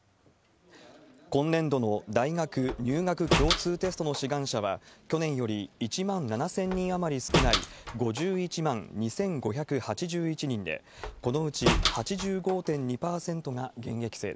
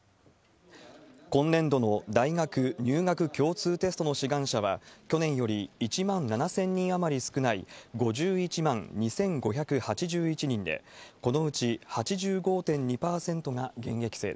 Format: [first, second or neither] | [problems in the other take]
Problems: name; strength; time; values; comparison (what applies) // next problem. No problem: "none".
second | background sound (Slam); 4 dB below the speech